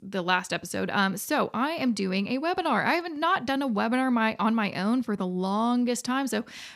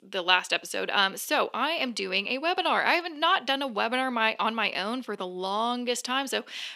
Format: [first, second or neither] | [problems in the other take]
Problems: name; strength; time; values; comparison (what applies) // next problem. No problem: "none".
first | thin; somewhat; fading below 450 Hz